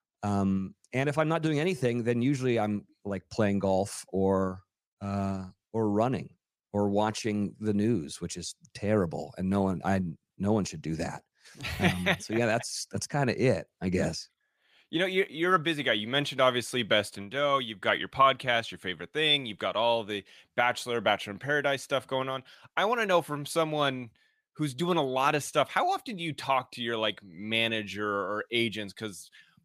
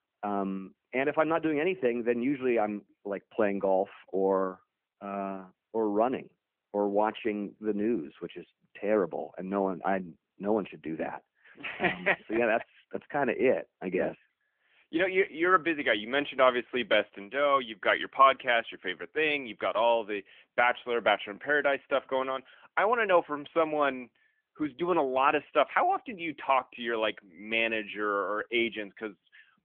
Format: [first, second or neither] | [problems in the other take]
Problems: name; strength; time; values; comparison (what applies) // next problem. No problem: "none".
first | phone-call audio; nothing above 3.5 kHz